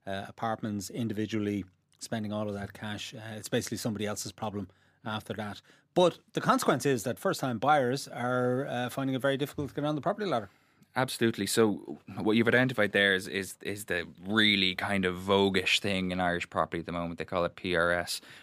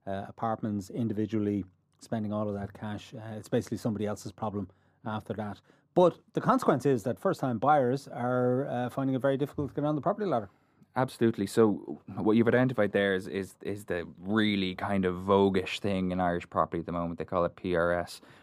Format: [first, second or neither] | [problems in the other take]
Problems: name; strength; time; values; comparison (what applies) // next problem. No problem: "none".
first | muffled; slightly; fading above 1 kHz